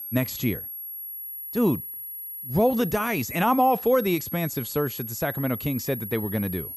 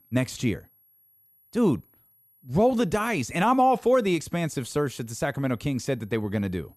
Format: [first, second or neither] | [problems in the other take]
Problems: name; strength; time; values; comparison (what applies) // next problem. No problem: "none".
second | high-pitched whine; loud; throughout; 11.5 kHz, 8 dB below the speech; faint in the second